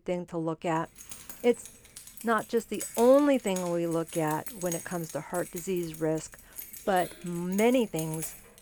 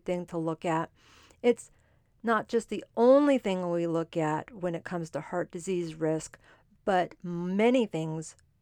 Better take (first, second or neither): second